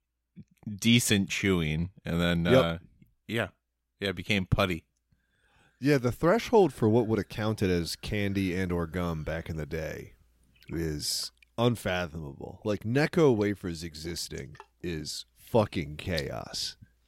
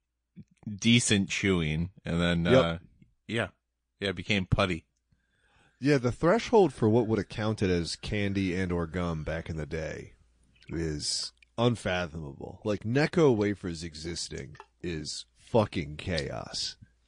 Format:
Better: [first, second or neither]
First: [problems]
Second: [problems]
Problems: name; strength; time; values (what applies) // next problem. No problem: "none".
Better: first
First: none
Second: garbled, watery; slightly; nothing above 9.5 kHz